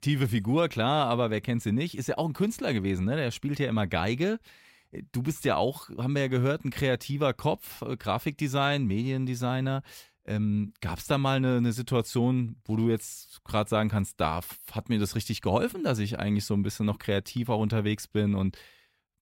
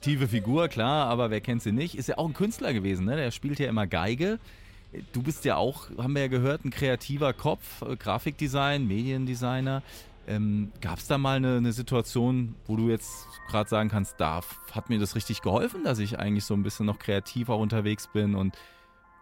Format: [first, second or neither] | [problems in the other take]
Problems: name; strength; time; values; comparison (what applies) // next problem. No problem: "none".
first | traffic noise; faint; throughout; 25 dB below the speech